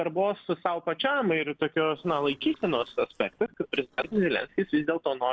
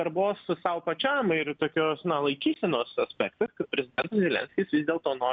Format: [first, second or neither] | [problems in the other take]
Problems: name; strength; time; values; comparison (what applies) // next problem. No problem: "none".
second | noise reduction (neural separator model SepFormer DNS4)